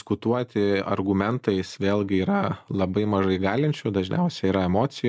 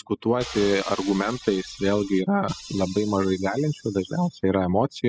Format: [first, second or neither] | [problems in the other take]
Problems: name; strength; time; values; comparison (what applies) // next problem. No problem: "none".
first | noise reduction (classical method spectral subtraction)